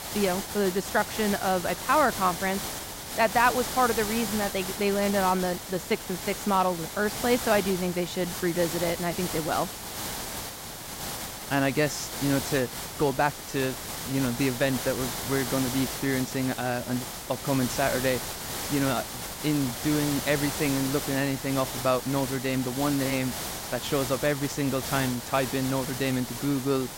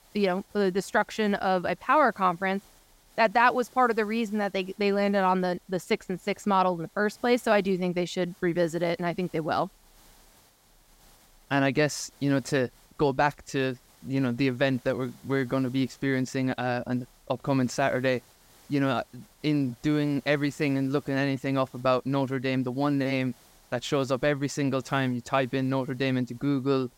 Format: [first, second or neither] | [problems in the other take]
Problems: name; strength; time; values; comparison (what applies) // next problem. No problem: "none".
second | hiss; loud; throughout; 6 dB below the speech; faint in the second